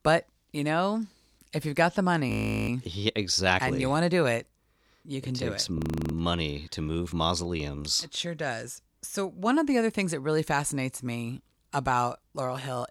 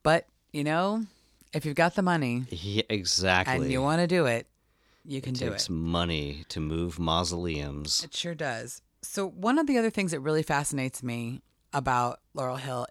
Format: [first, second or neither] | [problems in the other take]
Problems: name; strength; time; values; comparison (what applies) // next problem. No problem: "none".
second | audio freezing; at 2.5 s and at 6 s